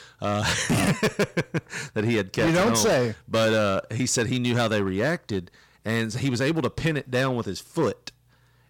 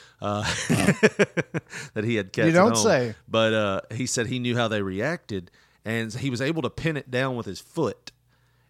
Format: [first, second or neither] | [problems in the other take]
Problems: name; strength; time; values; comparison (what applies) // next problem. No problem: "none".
second | distortion; heavy; 10% of the sound clipped